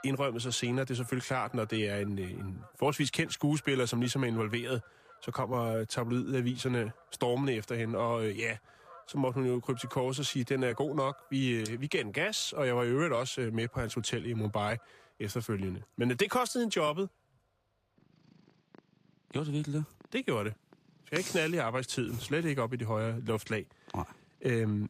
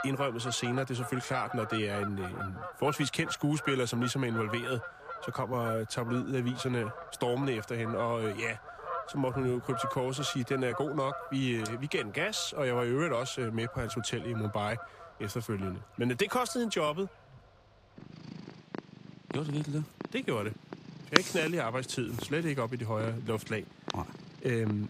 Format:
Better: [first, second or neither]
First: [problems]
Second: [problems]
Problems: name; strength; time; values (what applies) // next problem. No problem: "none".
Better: first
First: animal sounds; faint; throughout; 25 dB below the speech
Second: animal sounds; loud; throughout; 8 dB below the speech